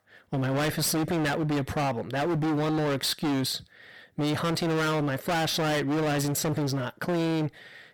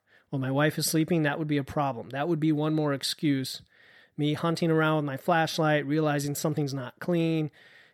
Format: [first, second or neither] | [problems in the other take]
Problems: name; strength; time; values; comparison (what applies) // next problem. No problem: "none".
second | distortion; heavy; 35% of the sound clipped